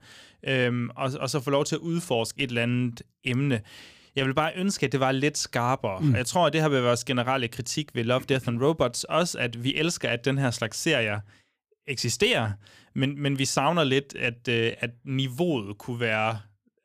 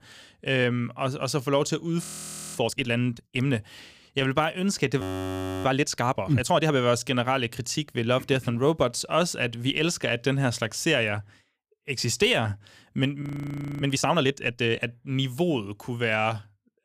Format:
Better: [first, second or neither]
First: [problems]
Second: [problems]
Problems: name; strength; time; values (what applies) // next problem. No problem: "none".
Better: first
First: none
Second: audio freezing; at 2 s for 0.5 s, at 5 s for 0.5 s and at 13 s for 0.5 s